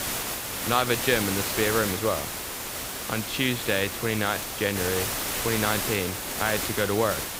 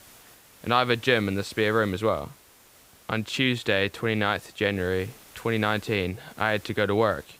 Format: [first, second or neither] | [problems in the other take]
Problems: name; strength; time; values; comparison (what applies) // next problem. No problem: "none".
second | hiss; loud; throughout; 2 dB below the speech; faint in the second